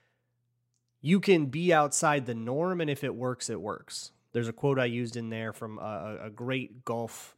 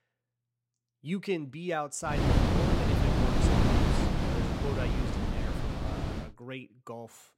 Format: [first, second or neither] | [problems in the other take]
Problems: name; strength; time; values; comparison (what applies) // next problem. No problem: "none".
first | wind noise on the microphone; heavy; from 2 to 6 s; 5 dB above the speech